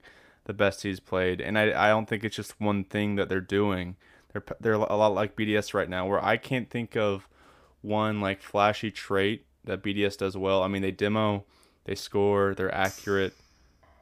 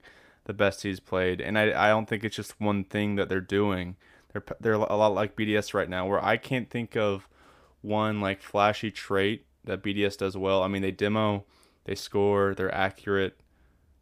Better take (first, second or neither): second